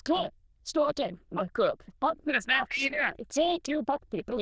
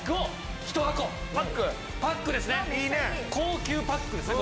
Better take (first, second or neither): second